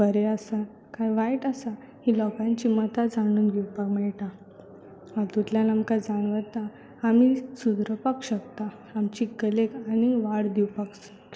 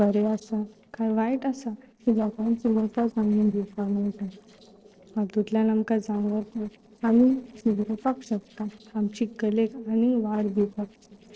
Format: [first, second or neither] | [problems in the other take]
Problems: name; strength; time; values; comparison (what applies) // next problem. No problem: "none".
first | noise reduction (neural separator model SepFormer DNS4)